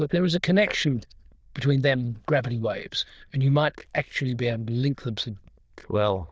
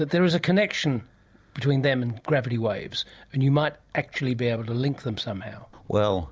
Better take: second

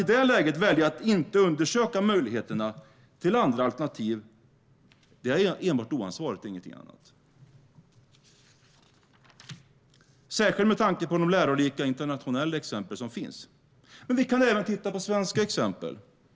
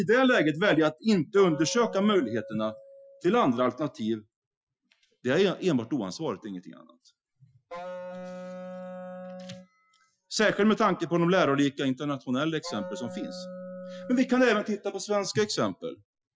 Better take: first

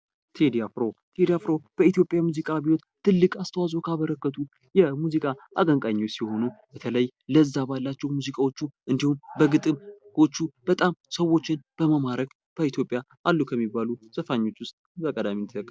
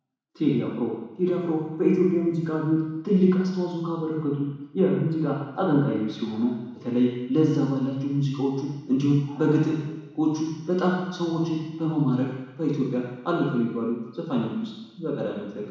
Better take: first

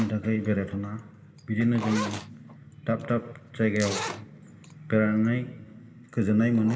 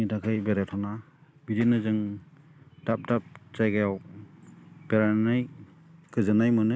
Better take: second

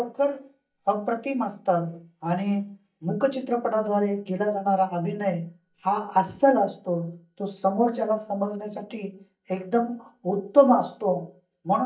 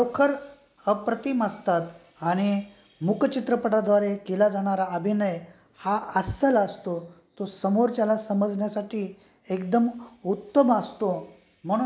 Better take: second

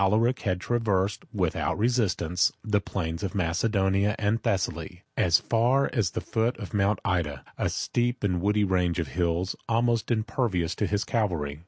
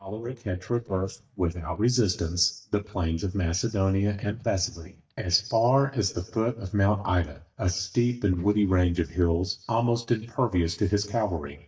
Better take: first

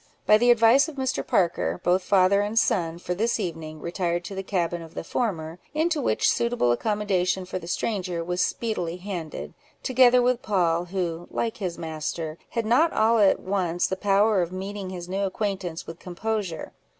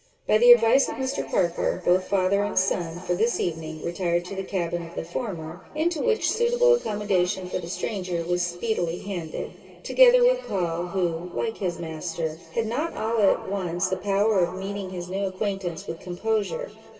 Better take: first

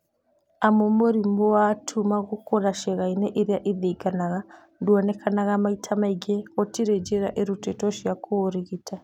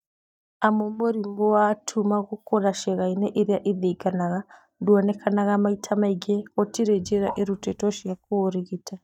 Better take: first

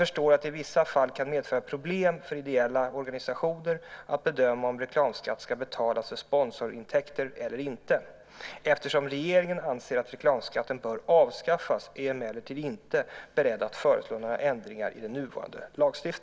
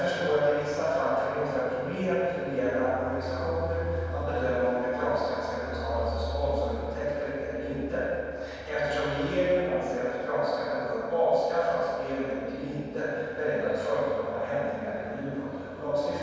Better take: first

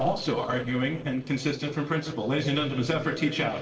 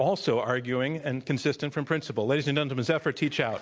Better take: second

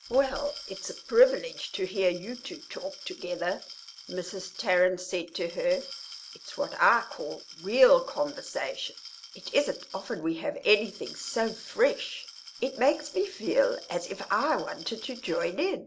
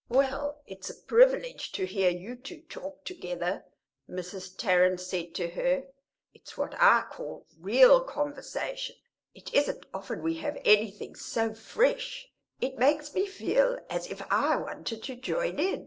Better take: second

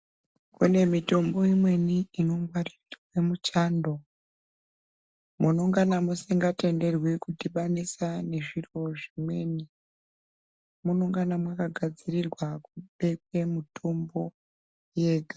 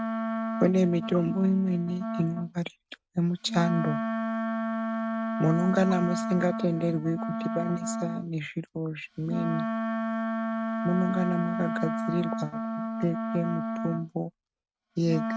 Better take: first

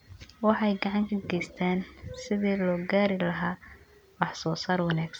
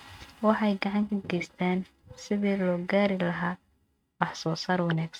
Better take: first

